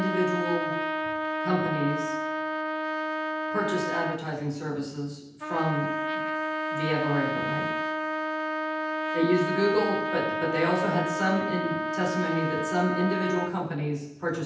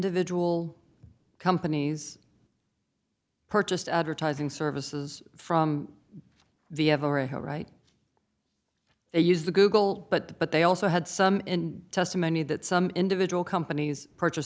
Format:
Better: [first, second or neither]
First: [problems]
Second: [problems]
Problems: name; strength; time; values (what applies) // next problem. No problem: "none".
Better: second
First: background sound (Trumpet); 1 dB below the speech // room echo; dies away in 0.9 s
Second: none